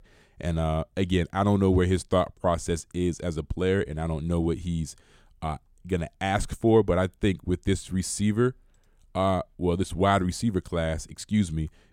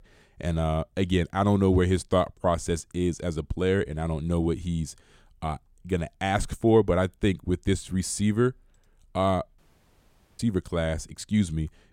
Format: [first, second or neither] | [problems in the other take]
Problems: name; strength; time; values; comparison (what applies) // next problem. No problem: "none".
first | audio cutting out; at 9.5 s for 1 s